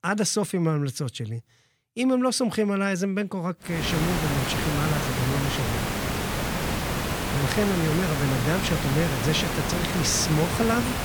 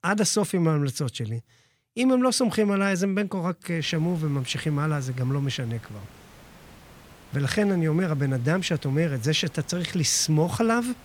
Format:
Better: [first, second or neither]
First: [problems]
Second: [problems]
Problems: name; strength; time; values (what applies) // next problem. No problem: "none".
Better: second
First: hiss; loud; from 4 s on; 1 dB below the speech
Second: hiss; faint; from 4 s on; 25 dB below the speech